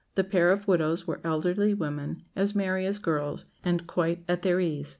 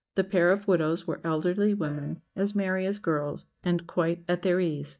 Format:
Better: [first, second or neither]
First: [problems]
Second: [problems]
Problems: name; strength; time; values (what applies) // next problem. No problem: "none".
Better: first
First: none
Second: noise reduction (neural mask model DeepFilterNet 3)